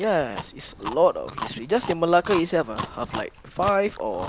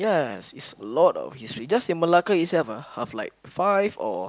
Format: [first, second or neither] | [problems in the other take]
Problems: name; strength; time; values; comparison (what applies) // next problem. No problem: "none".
second | background sound (Chewing, mastication); 12 dB below the speech